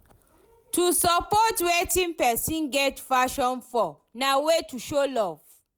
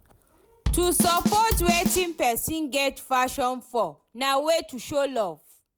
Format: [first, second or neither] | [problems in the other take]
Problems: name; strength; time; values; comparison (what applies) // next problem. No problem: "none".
first | background sound (Drum kit); 2 dB below the speech